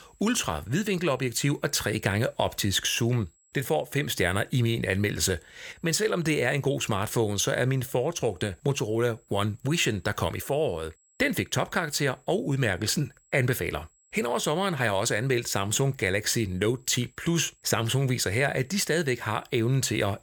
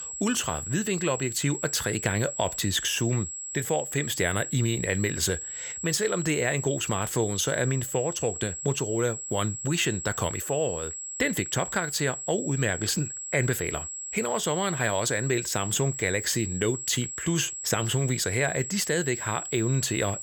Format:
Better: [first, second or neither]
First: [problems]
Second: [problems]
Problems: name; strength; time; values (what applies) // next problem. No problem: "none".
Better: first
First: high-pitched whine; faint; throughout; 7.5 kHz, 35 dB below the speech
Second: high-pitched whine; loud; throughout; 7.5 kHz, 6 dB below the speech